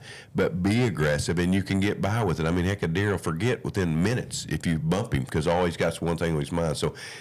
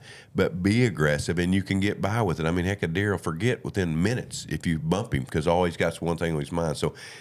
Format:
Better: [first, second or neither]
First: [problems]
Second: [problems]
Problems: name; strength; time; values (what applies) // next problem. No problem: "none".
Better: second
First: distortion; slight; 10 dB below the speech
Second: none